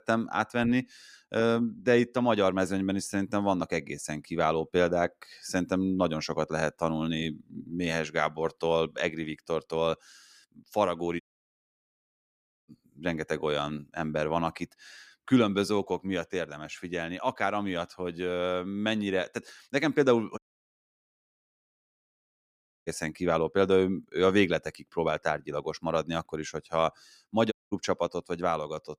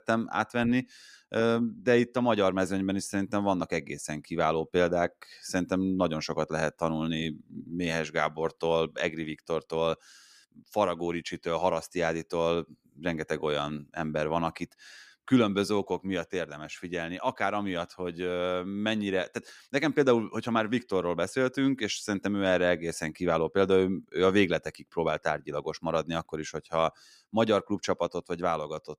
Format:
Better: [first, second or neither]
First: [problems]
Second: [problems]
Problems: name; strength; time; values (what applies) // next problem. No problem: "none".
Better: second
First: audio cutting out; at 11 s for 1.5 s, at 20 s for 2.5 s and at 28 s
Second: none